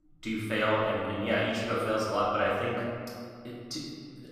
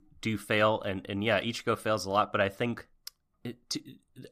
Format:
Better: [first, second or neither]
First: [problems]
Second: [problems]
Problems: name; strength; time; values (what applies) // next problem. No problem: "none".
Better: second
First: room echo; noticeable; dies away in 1.8 s // off-mic speech; far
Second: none